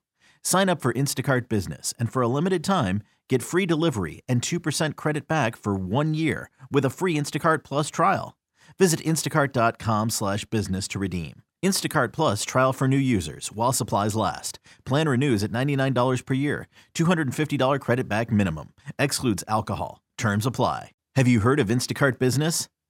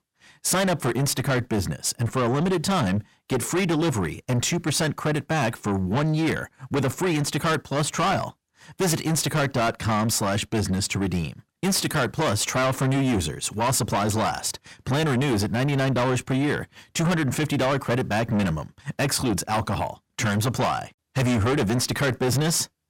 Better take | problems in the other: first | distortion; heavy; 6 dB below the speech

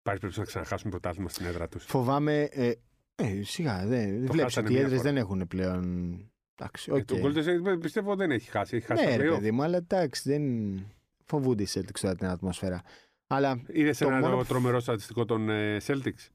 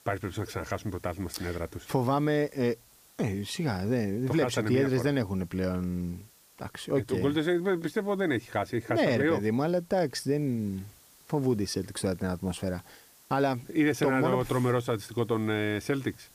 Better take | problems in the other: first | hiss; faint; throughout; 25 dB below the speech

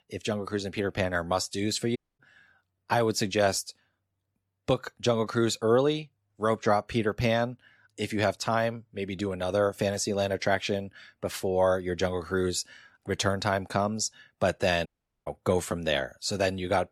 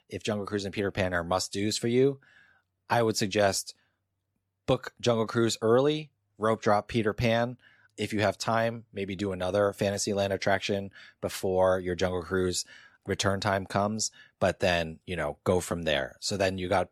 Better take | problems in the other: second | audio cutting out; at 2 s and at 15 s

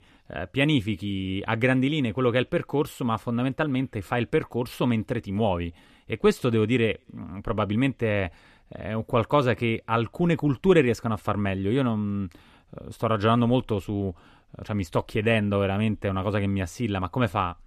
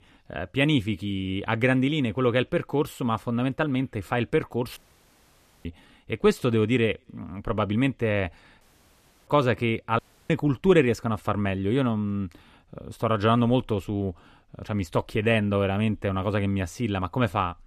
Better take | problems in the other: first | audio cutting out; at 5 s for 1 s, at 8.5 s for 0.5 s and at 10 s

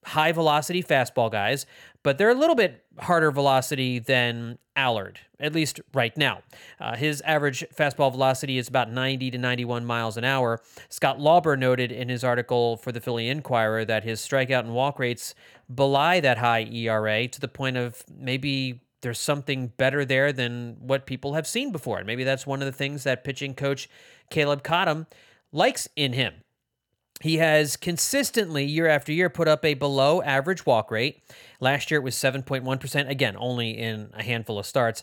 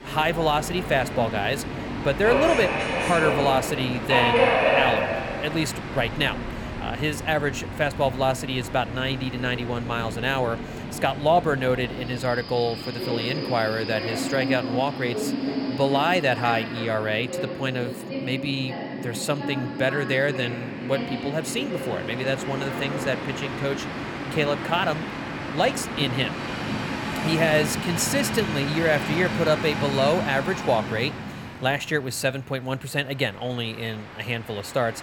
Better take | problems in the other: first | train or aircraft noise; loud; throughout; 3 dB below the speech

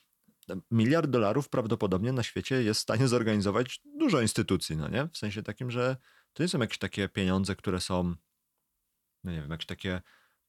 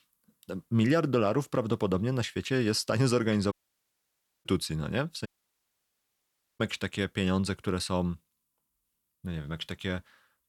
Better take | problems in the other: first | audio cutting out; at 3.5 s for 1 s and at 5.5 s for 1.5 s

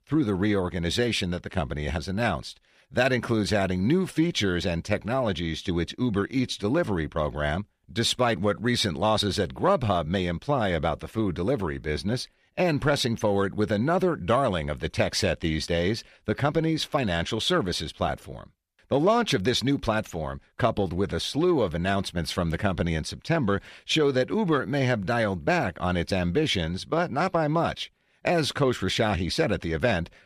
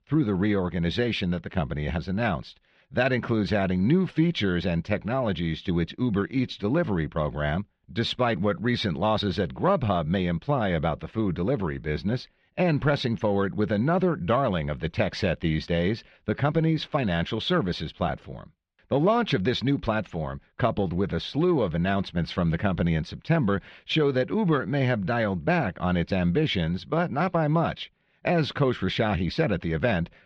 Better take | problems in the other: first | muffled; very slightly; fading above 3.5 kHz

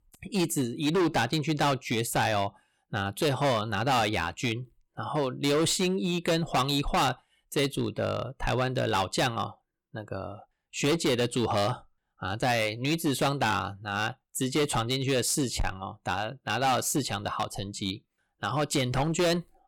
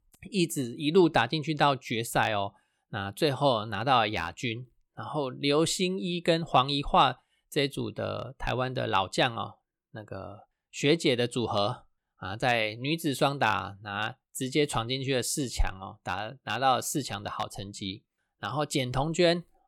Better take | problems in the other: second | distortion; heavy; 10% of the sound clipped

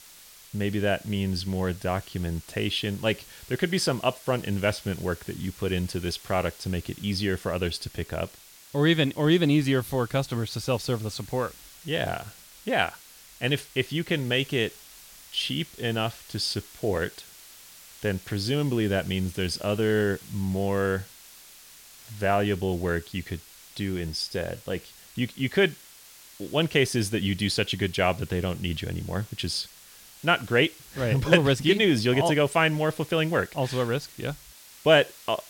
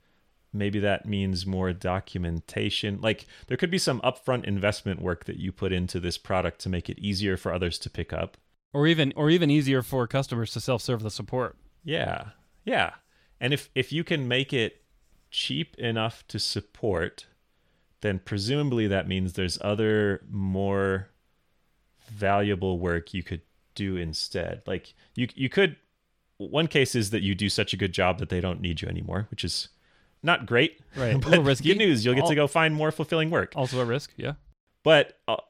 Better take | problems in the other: second | hiss; noticeable; throughout; 20 dB below the speech

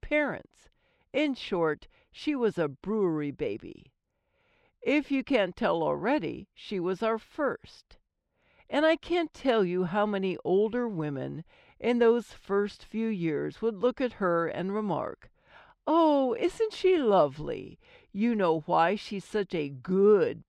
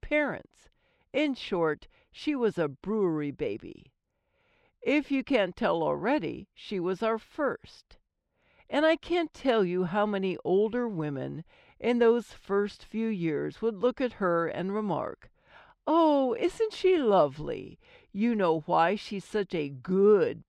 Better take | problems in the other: neither | muffled; very slightly; fading above 3.5 kHz; the same in both

